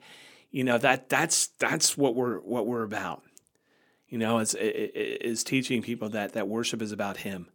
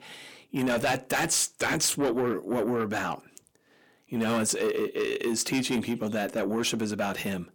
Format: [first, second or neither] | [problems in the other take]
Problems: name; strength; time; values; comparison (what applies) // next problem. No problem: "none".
first | distortion; heavy; 7 dB below the speech